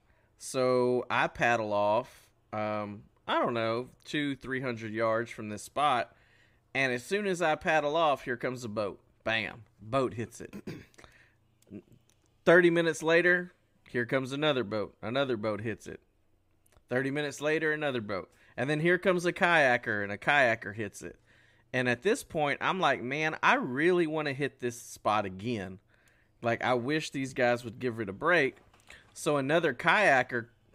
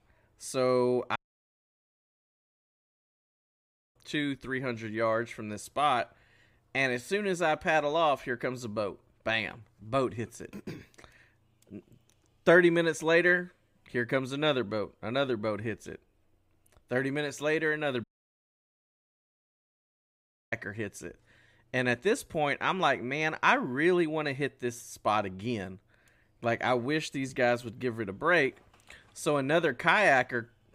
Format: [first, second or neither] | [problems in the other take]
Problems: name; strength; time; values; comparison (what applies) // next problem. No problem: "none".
first | audio cutting out; at 1 s for 3 s and at 18 s for 2.5 s